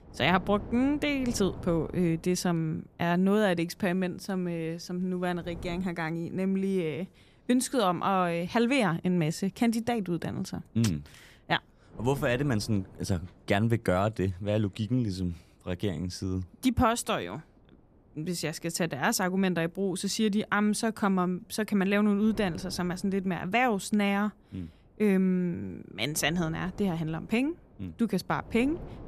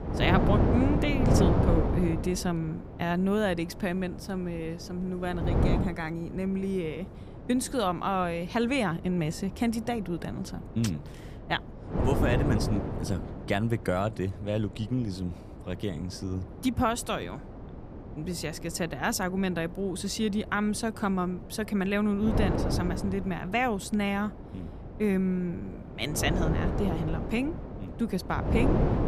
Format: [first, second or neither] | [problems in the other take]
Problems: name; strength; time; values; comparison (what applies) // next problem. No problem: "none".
first | wind noise on the microphone; heavy; 3 dB below the speech; occasional gusts in the first